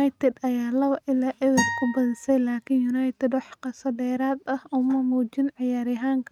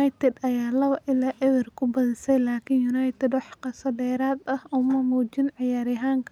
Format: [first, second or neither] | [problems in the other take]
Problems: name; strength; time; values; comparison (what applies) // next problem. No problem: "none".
second | noise reduction (neural mask model RNNoise)